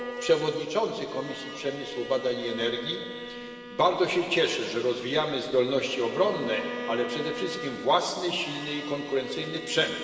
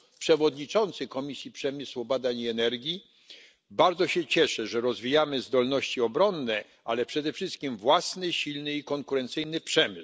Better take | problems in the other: second | background sound (Bowed string instrument); 12 dB below the speech // room echo; dies away in 2.7 s

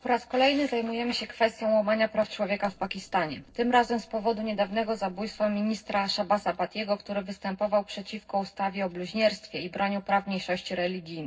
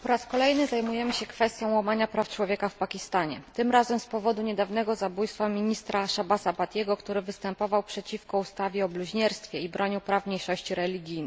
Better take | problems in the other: second | noise reduction (neural separator model SepFormer DNS4)

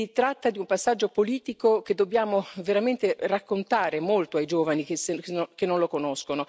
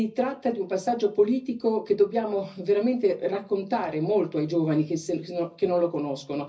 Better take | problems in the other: first | room echo; dies away in 0.4 s

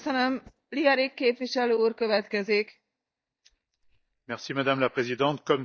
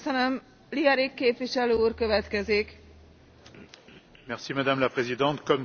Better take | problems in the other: second | noise reduction (neural mask model DeepFilterNet 3)

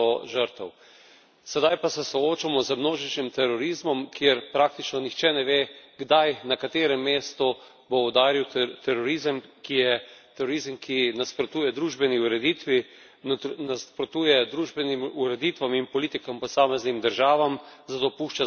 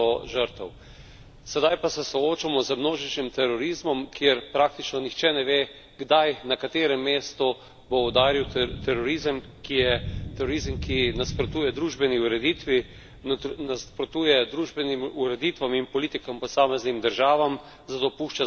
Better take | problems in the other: first | background sound (Thunder / Rain); 15 dB below the speech

